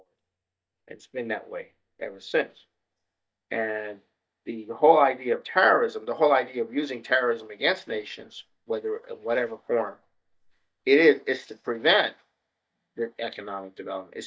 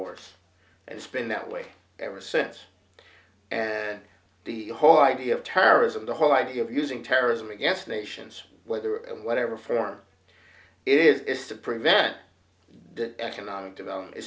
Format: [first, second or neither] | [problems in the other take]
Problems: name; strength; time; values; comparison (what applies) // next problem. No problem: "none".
second | noise reduction (neural mask model DeepFilterNet 3)